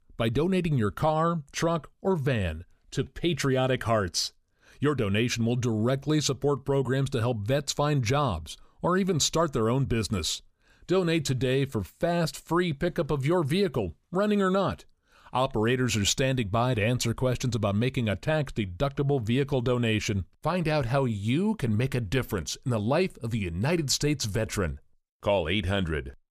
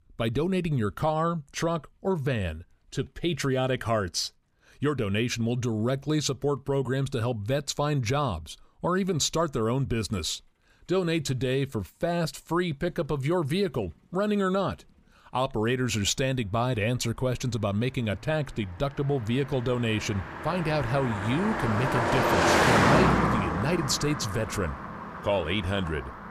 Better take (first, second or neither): first